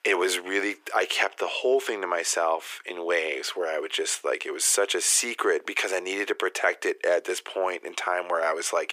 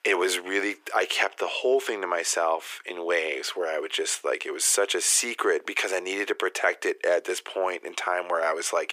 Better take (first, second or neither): neither